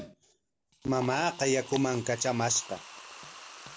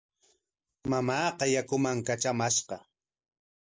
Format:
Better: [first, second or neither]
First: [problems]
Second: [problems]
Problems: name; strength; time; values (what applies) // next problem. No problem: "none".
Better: second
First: background sound (Liquid); 15 dB below the speech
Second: none